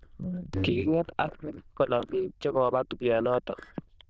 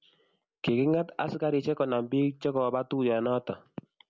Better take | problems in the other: second | noise reduction (neural diffusion model UNIVERSE++)

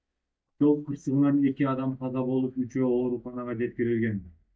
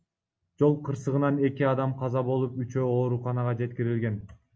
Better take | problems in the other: second | noise reduction (neural mask model DeepFilterNet 3)

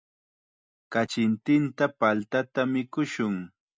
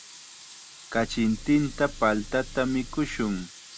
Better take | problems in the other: first | background sound (Sink (filling or washing) / Water tap, faucet + Engine); 14 dB below the speech

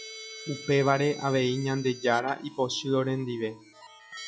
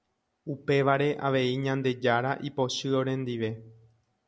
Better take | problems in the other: second | noise reduction (classical method log-MMSE)

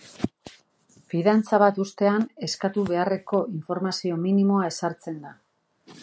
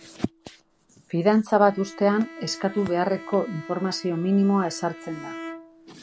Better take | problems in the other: first | background sound (Bowed string instrument); 17 dB below the speech

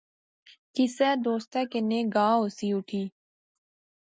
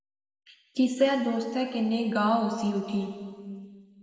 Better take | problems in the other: first | room echo; dies away in 2 s

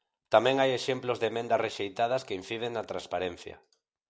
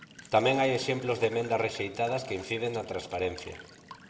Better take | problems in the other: first | background sound (Walk, footsteps / Stream / Trickle, dribble / Chirp, tweet); 19 dB below the speech // room echo; dies away in 1.6 s

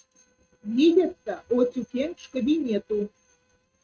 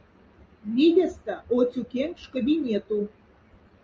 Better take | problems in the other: second | noise reduction (neural mask model RNNoise)

